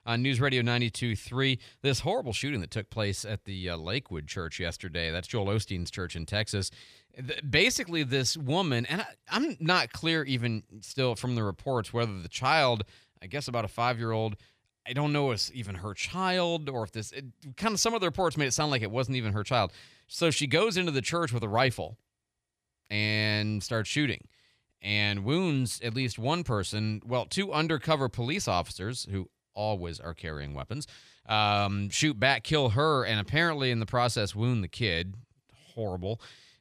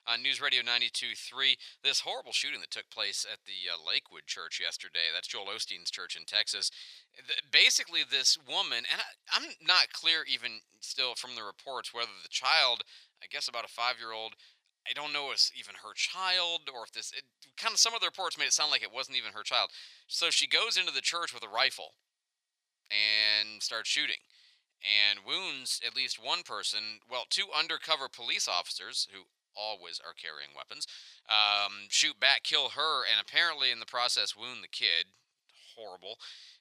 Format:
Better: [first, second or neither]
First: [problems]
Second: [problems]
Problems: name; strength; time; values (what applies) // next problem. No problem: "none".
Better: first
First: none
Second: thin; very; fading below 850 Hz